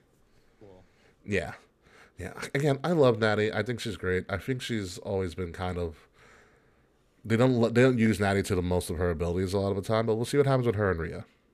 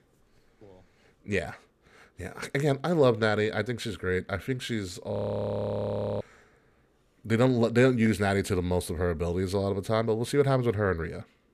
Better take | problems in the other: first | audio freezing; at 5 s for 1 s

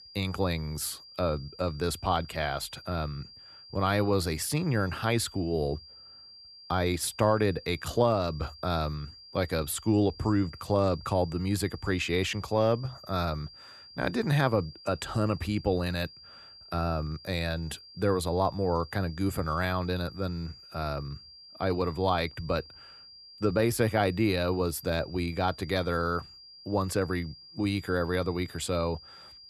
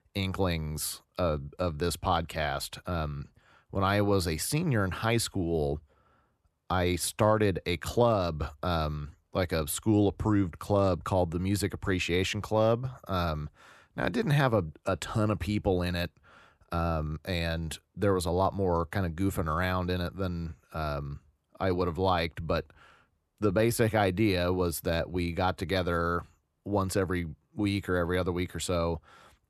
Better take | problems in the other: second | high-pitched whine; noticeable; throughout; 4.5 kHz, 20 dB below the speech

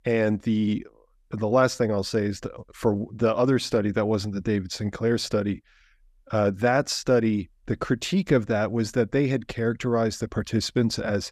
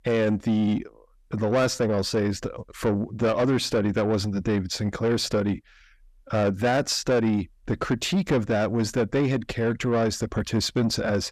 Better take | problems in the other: first | distortion; slight; 10 dB below the speech

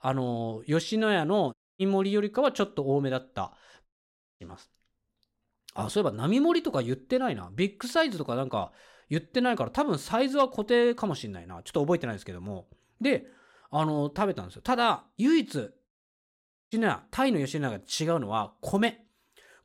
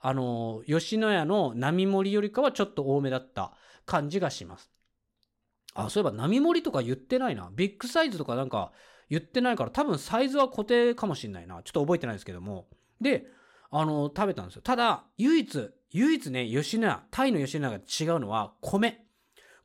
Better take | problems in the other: second | audio cutting out; at 1.5 s, at 4 s for 0.5 s and at 16 s for 1 s

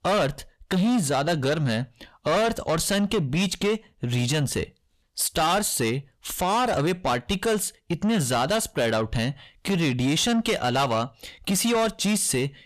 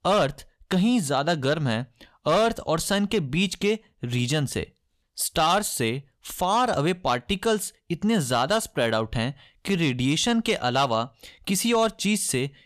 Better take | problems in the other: second | distortion; slight; 10 dB below the speech

